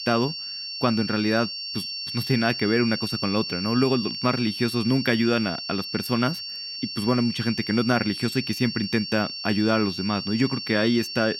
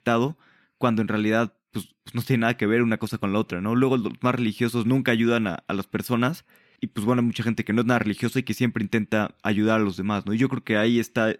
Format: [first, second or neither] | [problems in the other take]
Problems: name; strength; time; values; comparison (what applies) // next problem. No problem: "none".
second | high-pitched whine; loud; throughout; 4.5 kHz, 6 dB below the speech